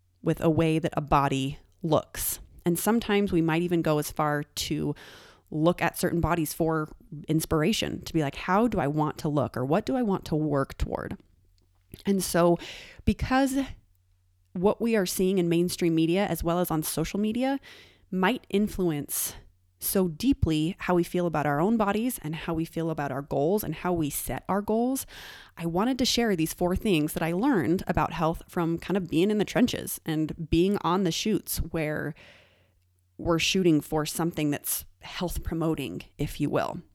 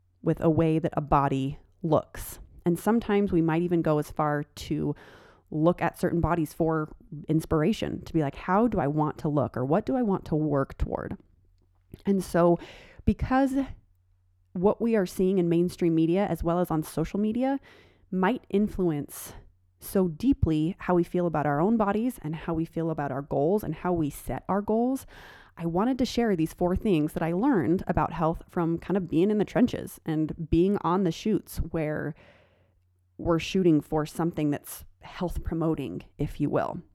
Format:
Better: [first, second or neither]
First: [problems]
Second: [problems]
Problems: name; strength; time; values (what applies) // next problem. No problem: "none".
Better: first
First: none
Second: muffled; slightly; fading above 2 kHz